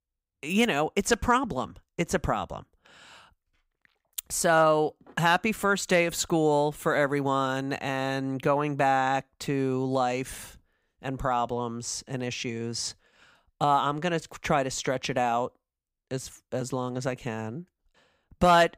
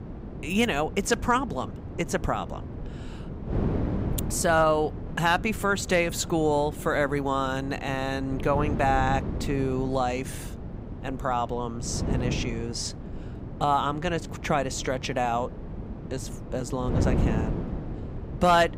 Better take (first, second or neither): first